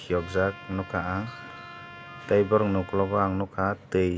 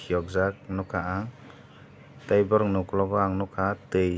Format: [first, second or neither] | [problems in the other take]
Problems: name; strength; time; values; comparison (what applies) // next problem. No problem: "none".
second | background sound (Trumpet + Screech); 18 dB below the speech